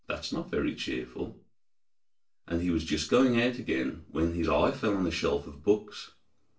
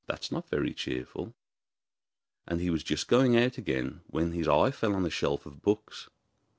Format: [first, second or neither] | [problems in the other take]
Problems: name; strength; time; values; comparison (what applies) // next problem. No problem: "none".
second | room echo; dies away in 0.3 s